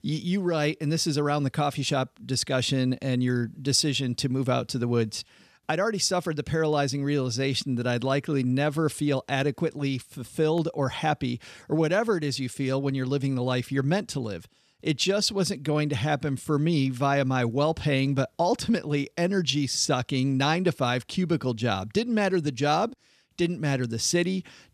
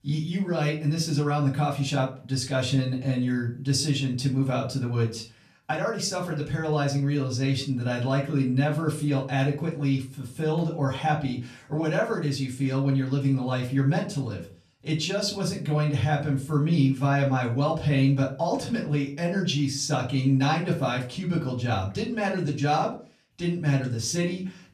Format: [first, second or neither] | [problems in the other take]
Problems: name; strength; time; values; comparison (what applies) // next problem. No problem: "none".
first | room echo; slight; dies away in 0.3 s // off-mic speech; far